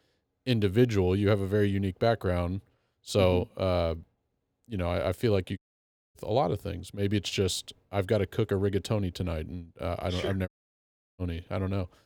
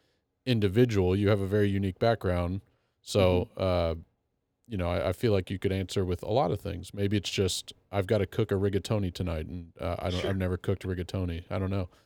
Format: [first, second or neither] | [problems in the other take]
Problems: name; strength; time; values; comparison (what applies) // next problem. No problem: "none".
second | audio cutting out; at 5.5 s for 0.5 s and at 10 s for 0.5 s